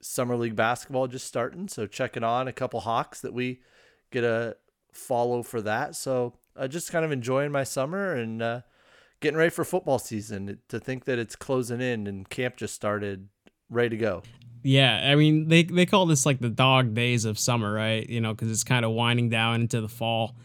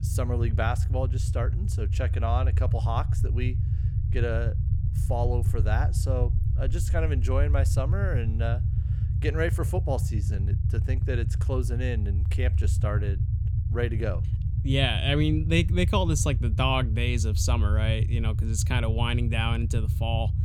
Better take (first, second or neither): first